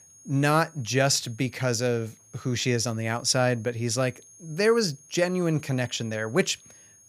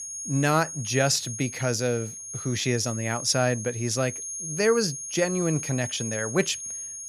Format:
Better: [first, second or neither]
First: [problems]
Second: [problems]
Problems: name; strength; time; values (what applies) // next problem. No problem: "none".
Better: first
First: high-pitched whine; faint; throughout; 6.5 kHz, 25 dB below the speech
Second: high-pitched whine; loud; throughout; 6.5 kHz, 7 dB below the speech